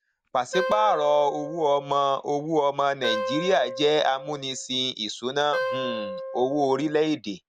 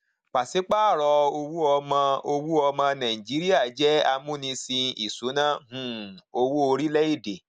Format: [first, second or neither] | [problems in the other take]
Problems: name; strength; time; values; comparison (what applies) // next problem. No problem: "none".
second | background sound (Wind instrument, woodwind instrument); 8 dB below the speech